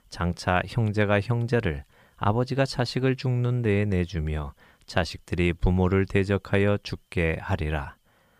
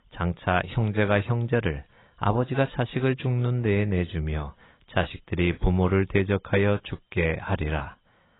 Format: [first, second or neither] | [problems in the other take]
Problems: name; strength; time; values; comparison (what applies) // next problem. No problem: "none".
first | garbled, watery; badly; nothing above 4 kHz